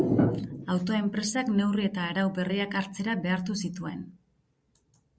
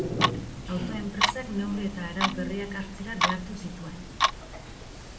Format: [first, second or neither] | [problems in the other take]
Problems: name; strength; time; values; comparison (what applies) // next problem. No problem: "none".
first | background sound (Clock); 2 dB above the speech // room echo; dies away in 0.7 s